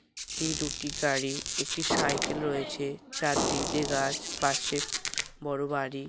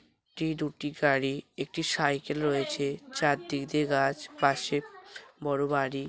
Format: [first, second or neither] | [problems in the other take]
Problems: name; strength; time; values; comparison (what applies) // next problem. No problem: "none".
second | background sound (Squeak + Fireworks); 1 dB below the speech